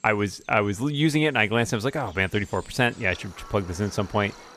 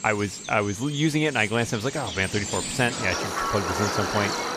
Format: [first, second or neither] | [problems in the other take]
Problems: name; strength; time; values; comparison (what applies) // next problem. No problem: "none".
first | animal sounds; loud; throughout; 4 dB below the speech; faint in the first